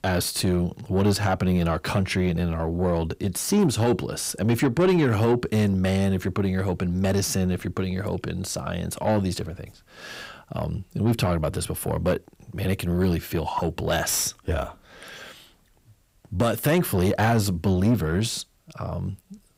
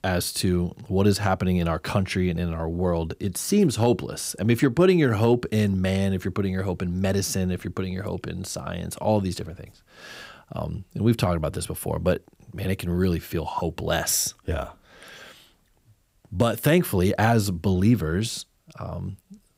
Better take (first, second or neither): second